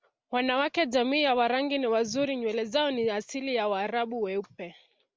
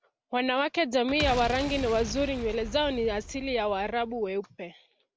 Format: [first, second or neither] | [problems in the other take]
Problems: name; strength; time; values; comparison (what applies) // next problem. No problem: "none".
first | background sound (Boom); 10 dB below the speech